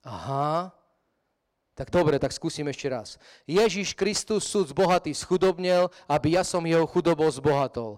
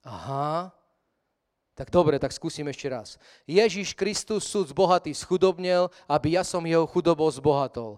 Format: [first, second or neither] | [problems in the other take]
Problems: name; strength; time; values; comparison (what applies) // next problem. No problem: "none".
second | distortion; slight; 5% of the sound clipped